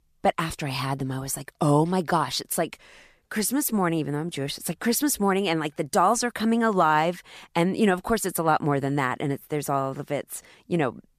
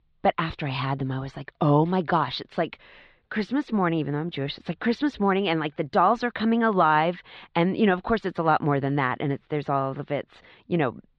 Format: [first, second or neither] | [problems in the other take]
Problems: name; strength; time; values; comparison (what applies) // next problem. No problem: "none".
first | muffled; slightly; fading above 4 kHz